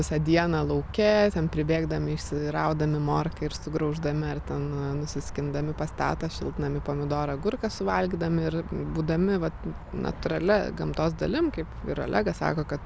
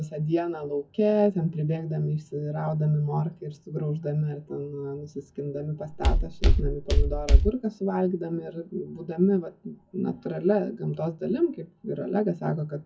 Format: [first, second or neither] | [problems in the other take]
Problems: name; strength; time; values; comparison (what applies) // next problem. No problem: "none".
first | noise reduction (classical method WPE with log-MMSE)